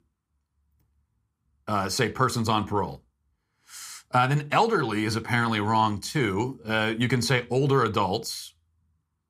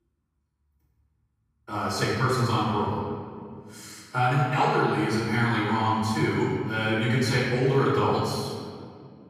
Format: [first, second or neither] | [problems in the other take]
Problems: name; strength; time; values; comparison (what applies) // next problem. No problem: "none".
first | off-mic speech; far // room echo; strong; dies away in 1.8 s